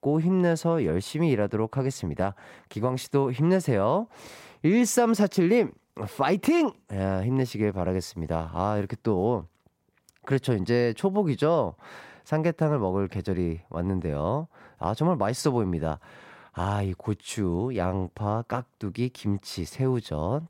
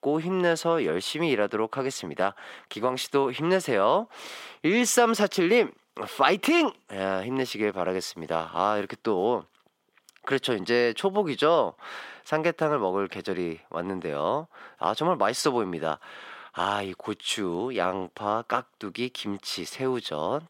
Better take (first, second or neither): first